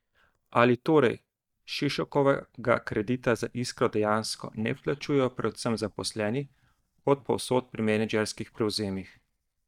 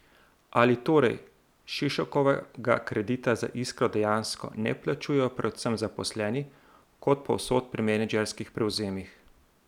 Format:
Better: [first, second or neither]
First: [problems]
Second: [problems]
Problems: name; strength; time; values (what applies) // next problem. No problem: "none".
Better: second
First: noise reduction (neural mask model DeepFilterNet 3)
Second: none